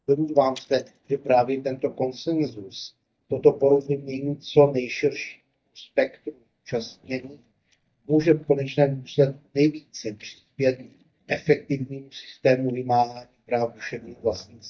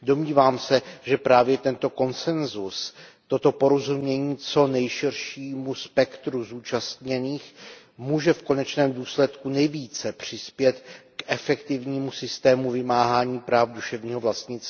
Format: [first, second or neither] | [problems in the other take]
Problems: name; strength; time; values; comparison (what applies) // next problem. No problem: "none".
second | noise reduction (neural mask model DeepFilterNet 3)